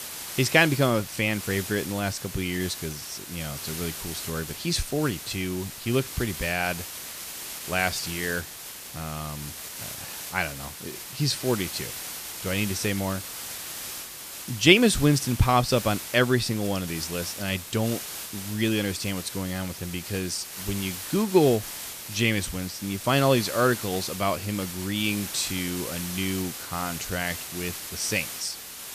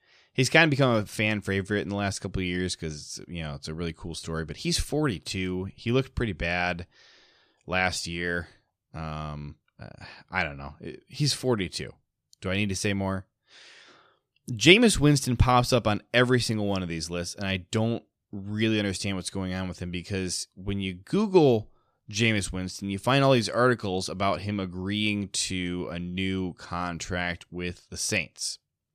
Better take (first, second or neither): second